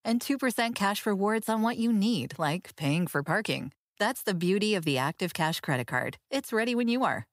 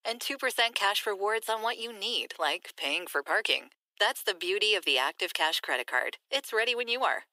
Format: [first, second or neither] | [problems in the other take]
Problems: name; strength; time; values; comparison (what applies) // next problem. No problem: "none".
first | thin; very; fading below 350 Hz